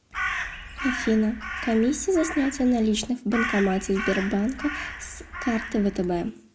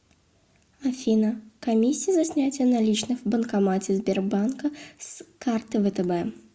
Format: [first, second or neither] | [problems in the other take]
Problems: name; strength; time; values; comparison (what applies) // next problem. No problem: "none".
second | background sound (Crow); 8 dB below the speech